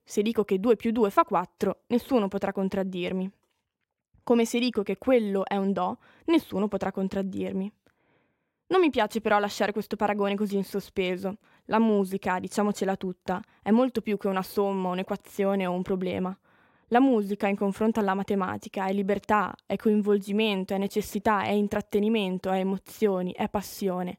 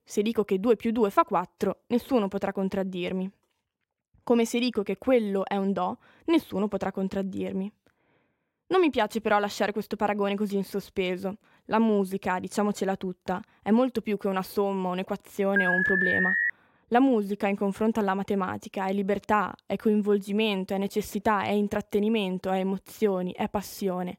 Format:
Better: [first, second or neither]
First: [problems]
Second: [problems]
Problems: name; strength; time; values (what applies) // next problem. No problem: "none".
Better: first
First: none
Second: alarm; loud; at 16 s; peak 4 dB above the speech